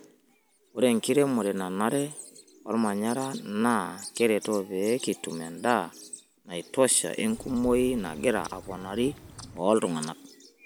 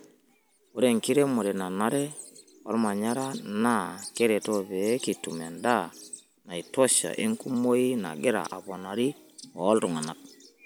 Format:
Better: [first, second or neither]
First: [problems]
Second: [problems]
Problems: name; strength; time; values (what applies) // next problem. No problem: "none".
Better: second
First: background sound (Bird vocalization, bird call, bird song); 18 dB below the speech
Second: none